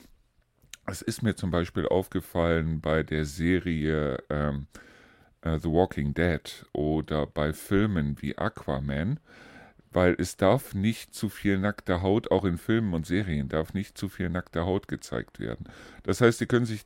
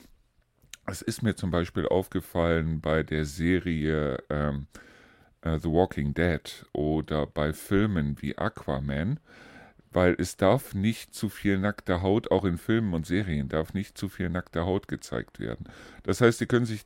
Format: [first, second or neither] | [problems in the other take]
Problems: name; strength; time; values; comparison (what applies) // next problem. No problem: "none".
neither | none